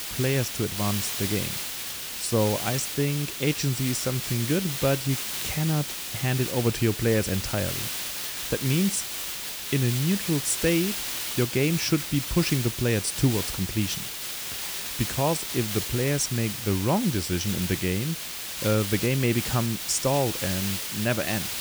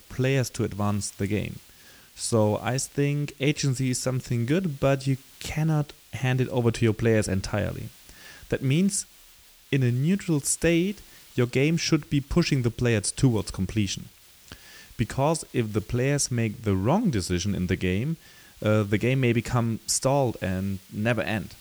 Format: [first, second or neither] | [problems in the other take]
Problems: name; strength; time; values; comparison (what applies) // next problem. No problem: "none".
second | hiss; loud; throughout; 3 dB below the speech; faint in the second